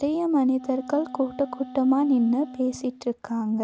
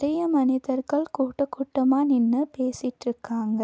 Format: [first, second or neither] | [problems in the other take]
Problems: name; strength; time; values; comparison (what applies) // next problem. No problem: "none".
second | background sound (Wind instrument, woodwind instrument); 17 dB below the speech